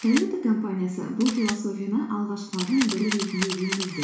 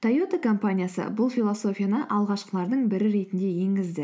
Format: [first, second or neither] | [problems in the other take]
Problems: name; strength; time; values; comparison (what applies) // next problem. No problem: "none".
second | background sound (Camera); 10 dB below the speech // room echo; dies away in 0.7 s